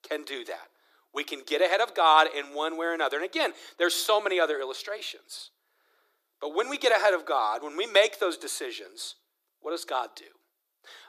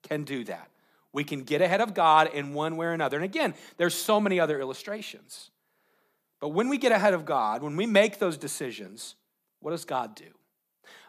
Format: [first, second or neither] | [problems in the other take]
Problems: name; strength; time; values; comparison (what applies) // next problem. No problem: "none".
second | thin; very; fading below 300 Hz